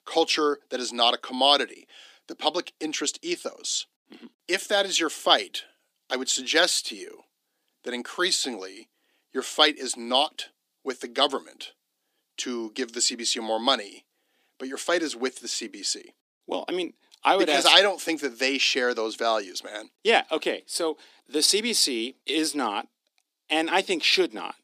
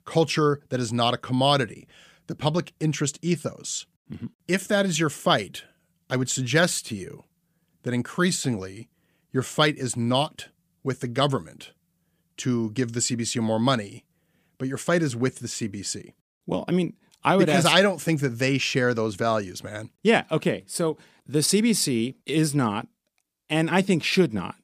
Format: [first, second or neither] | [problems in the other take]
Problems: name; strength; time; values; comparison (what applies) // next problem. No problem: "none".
second | thin; somewhat; fading below 300 Hz